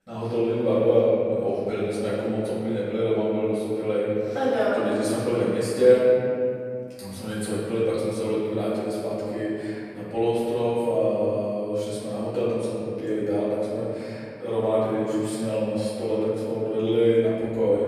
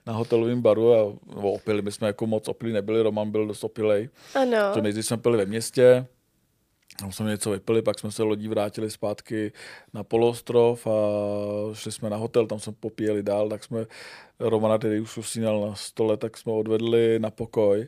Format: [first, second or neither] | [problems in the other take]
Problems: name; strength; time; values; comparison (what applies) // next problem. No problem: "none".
second | off-mic speech; far // room echo; strong; dies away in 2.4 s